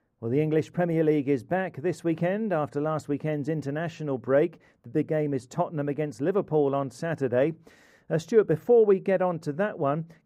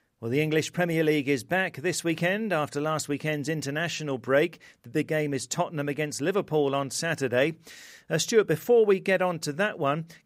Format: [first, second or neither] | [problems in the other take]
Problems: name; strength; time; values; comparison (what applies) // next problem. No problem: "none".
second | muffled; very; fading above 1.5 kHz